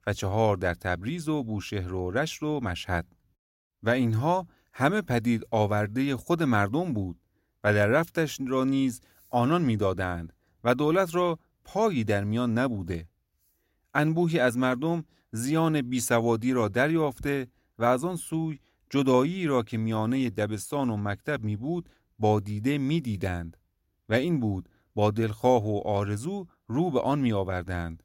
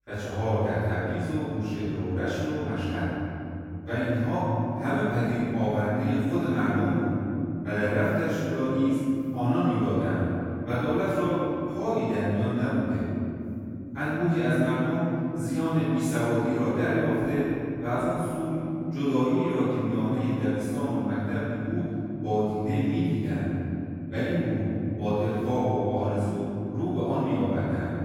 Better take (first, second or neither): first